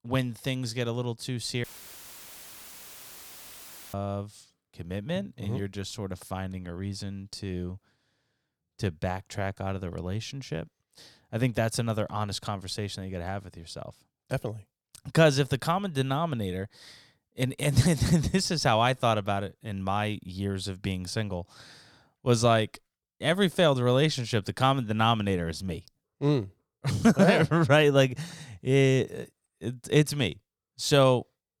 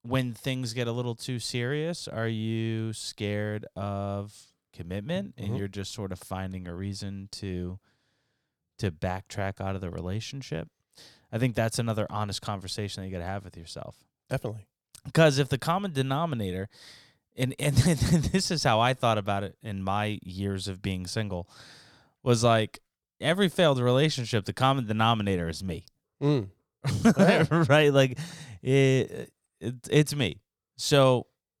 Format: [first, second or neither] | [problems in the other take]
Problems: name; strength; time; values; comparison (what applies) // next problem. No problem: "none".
second | audio cutting out; filled with static; at 1.5 s for 2.5 s